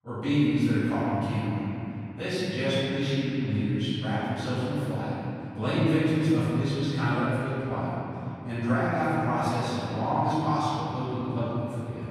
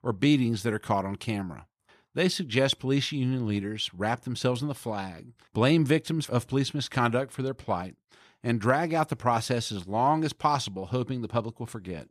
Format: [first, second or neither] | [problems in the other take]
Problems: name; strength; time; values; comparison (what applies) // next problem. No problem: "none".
second | room echo; strong; dies away in 3 s // off-mic speech; far